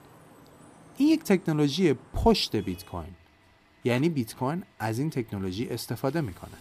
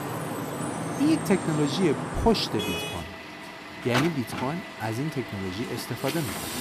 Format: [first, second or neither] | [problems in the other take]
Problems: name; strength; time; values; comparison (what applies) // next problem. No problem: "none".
first | traffic noise; loud; throughout; 5 dB below the speech; faint in the first